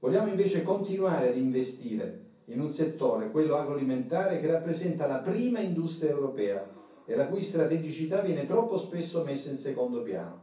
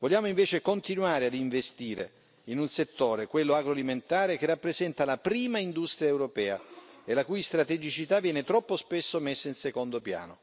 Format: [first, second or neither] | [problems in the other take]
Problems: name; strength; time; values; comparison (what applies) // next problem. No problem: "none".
second | room echo; dies away in 0.6 s